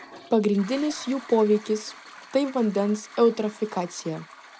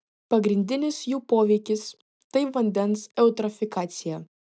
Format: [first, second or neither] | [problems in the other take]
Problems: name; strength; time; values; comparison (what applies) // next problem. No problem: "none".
second | background sound (Toilet flush); 20 dB below the speech